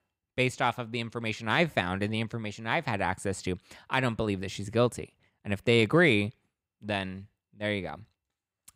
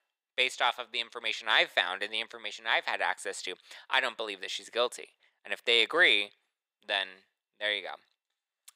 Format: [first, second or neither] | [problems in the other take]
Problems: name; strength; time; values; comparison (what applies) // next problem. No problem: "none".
first | thin; very; fading below 500 Hz